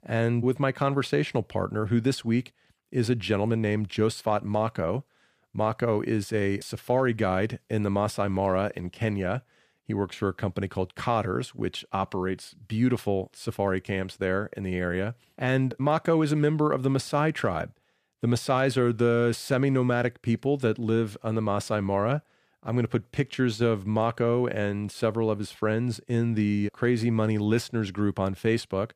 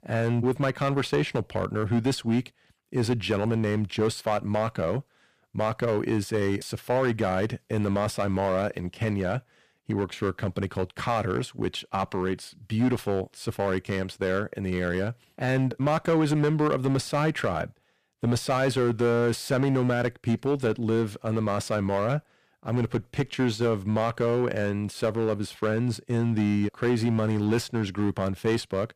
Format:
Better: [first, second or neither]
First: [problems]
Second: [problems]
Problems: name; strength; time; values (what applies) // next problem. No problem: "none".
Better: first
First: none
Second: distortion; slight; 6% of the sound clipped